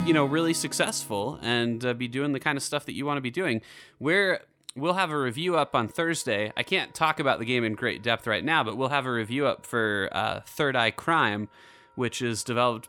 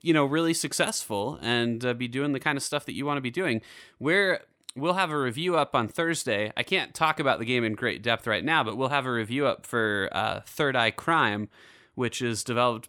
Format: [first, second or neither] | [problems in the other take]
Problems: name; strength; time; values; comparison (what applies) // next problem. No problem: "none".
second | background music; faint; throughout; 20 dB below the speech